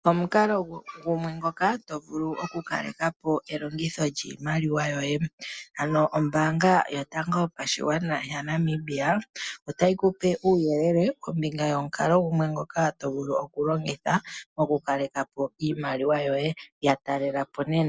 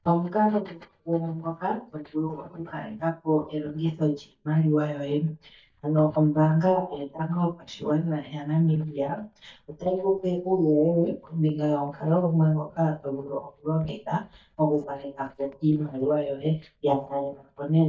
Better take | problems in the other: first | noise reduction (neural mask model DeepFilterNet 3)

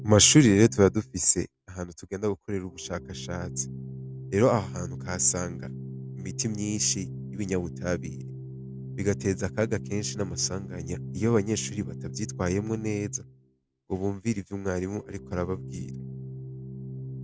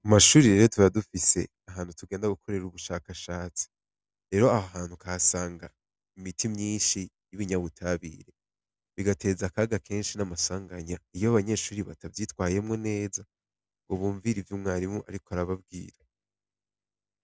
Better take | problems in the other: second | background sound (Organ); 11 dB below the speech

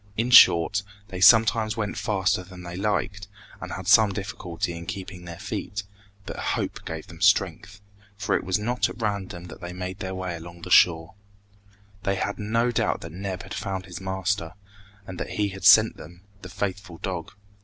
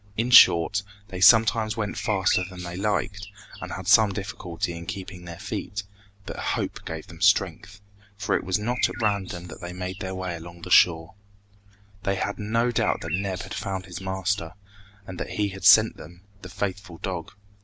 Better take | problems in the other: first | background sound (Bird); 10 dB below the speech

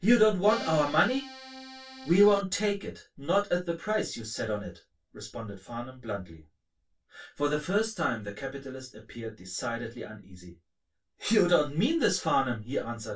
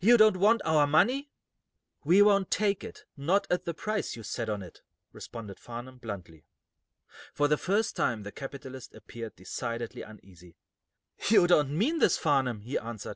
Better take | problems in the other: second | background sound (Accordion); 13 dB below the speech // room echo; dies away in 0.2 s

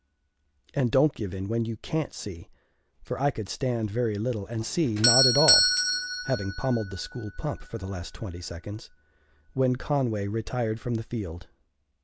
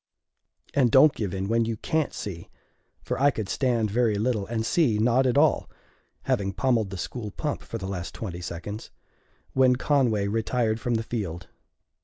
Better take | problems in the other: second | background sound (Doorbell); 3 dB below the speech

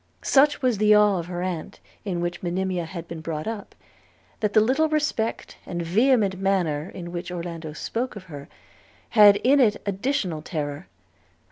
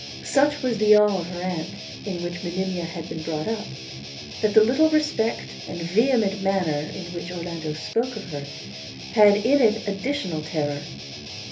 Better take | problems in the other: first | background sound (Guitar); 12 dB below the speech // room echo; dies away in 0.3 s

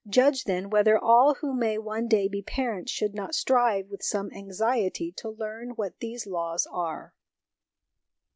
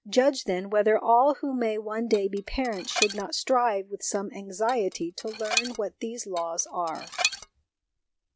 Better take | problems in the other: first | background sound (Dishes, pots, and pans); 7 dB below the speech

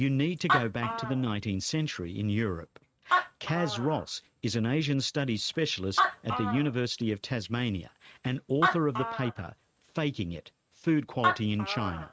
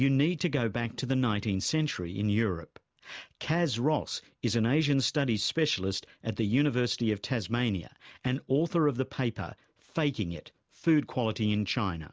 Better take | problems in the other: second | noise reduction (neural mask model RNNoise)

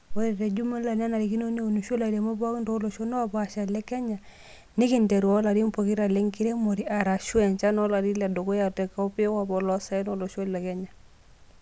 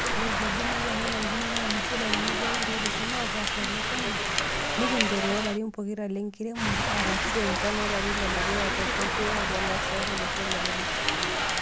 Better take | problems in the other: first | background sound (Rain); 5 dB above the speech

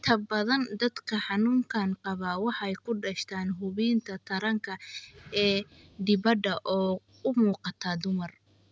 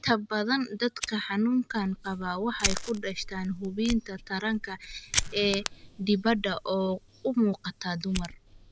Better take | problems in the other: first | background sound (Fire); 8 dB below the speech

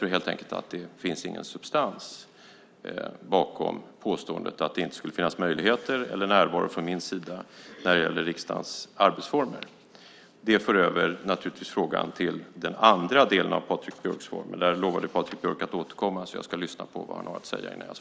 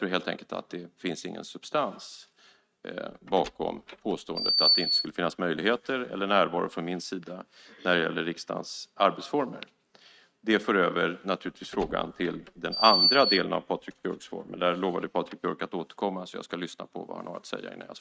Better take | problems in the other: first | noise reduction (neural mask model RNNoise)

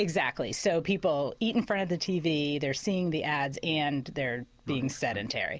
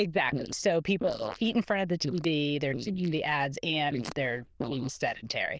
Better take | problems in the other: first | noise reduction (neural diffusion model UNIVERSE++)

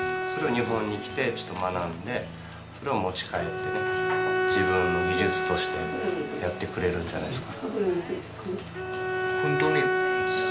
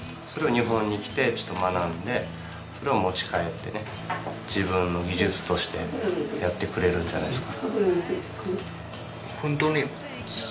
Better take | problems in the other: second | background sound (Bowed string instrument); 1 dB above the speech

